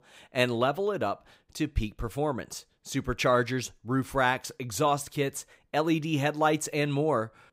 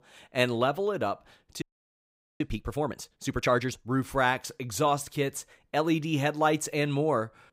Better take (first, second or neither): first